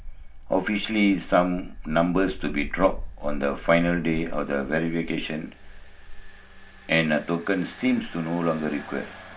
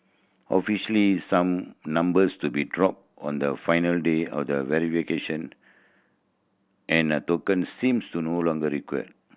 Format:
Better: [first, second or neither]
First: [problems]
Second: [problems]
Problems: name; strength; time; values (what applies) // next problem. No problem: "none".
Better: second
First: background sound (Engine); 10 dB below the speech // room echo; dies away in 0.3 s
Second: none